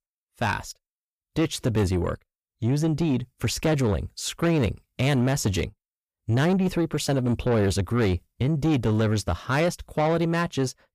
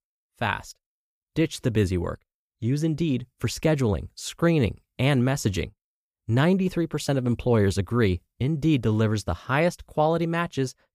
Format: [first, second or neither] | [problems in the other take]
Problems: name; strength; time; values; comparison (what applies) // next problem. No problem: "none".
second | distortion; slight; 10 dB below the speech